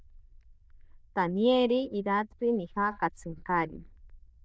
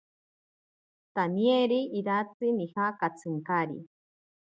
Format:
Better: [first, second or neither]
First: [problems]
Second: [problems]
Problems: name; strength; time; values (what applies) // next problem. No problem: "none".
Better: second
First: noise reduction (neural diffusion model UNIVERSE++)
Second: none